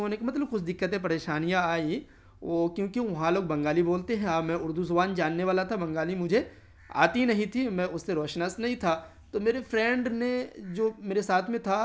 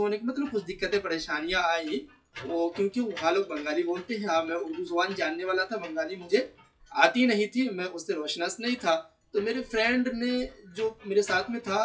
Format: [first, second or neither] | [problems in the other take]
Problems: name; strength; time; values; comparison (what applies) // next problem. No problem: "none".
first | noise reduction (classical method WPE with log-MMSE)